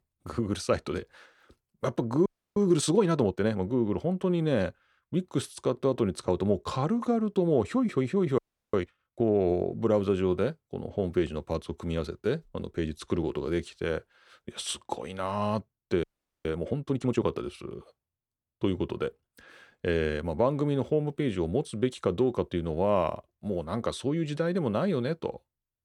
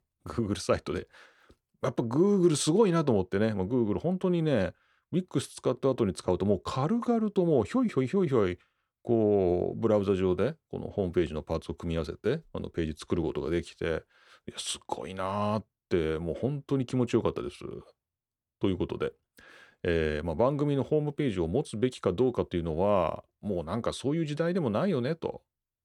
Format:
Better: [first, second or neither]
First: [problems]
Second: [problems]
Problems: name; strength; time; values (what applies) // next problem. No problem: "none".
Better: second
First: audio freezing; at 2.5 s, at 8.5 s and at 16 s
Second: none